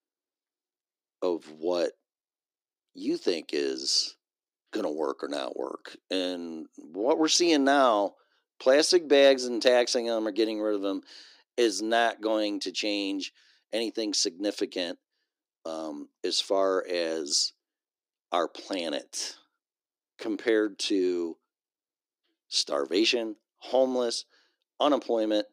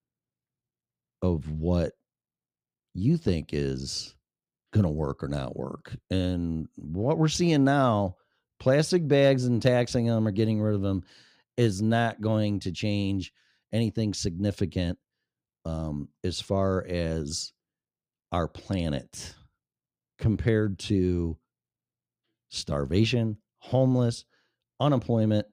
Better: second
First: thin; somewhat; fading below 300 Hz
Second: none

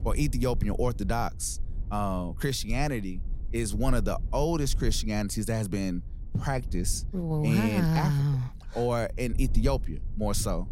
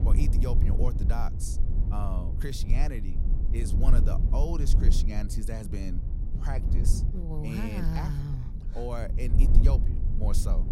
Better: first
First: low rumble; faint; throughout; 25 dB below the speech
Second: low rumble; loud; throughout; 6 dB below the speech

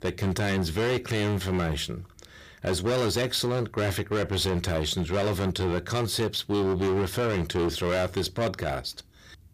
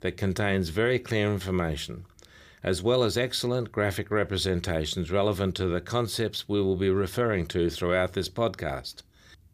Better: second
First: distortion; heavy; 19% of the sound clipped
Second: none

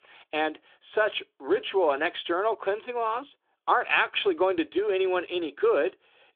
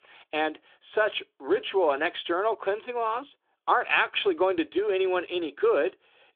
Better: neither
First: phone-call audio; nothing above 3.5 kHz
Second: phone-call audio; nothing above 3.5 kHz

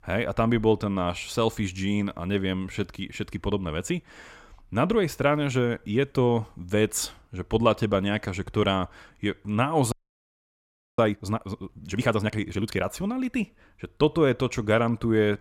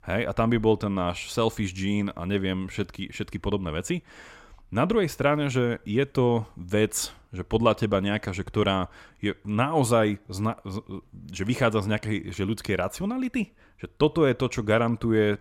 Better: second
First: audio freezing; at 10 s for 1 s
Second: none

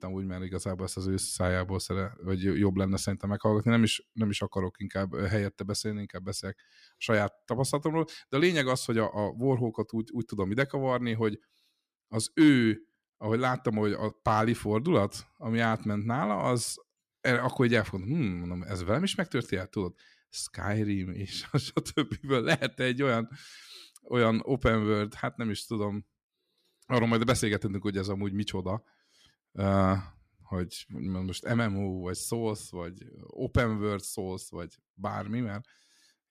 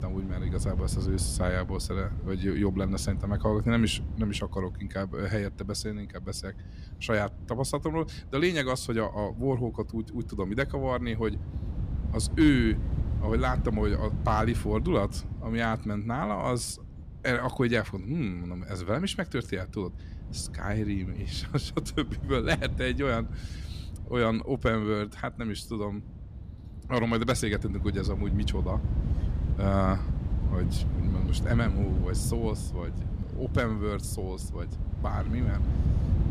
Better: first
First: none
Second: wind noise on the microphone; occasional gusts; 15 dB below the speech

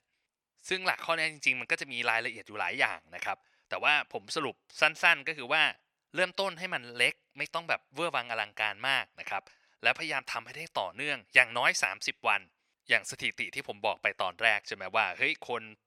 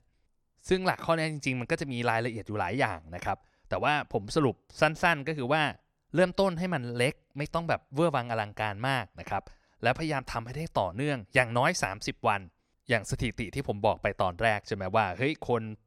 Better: second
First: thin; somewhat; fading below 1 kHz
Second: none

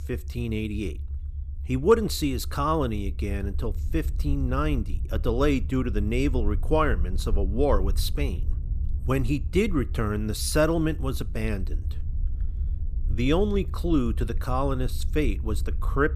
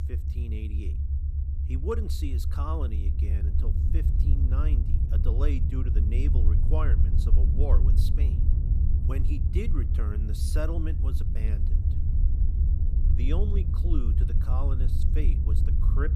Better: first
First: low rumble; faint; throughout; 20 dB below the speech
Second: low rumble; loud; throughout; 3 dB below the speech

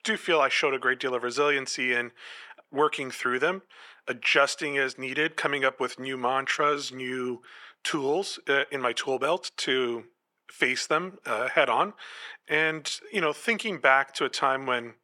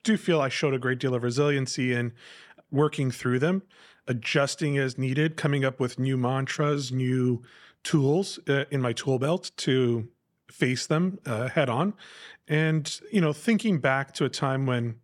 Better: second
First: thin; very; fading below 450 Hz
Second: none

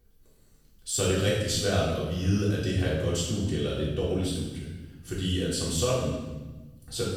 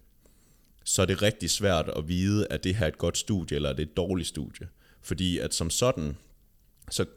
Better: second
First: room echo; strong; dies away in 1.1 s // off-mic speech; far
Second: none

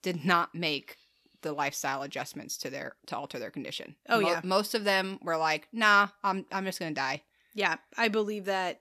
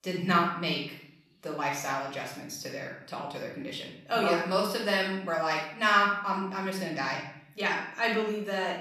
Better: first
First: none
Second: off-mic speech; far // room echo; noticeable; dies away in 0.6 s

